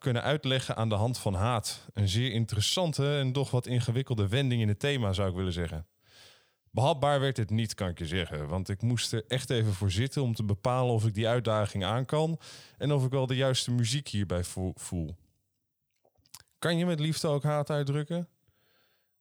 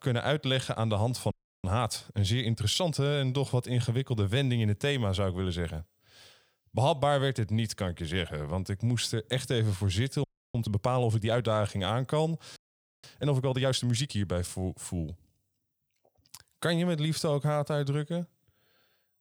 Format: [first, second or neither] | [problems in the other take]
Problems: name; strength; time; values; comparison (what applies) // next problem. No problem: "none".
first | audio freezing; at 1.5 s, at 10 s and at 13 s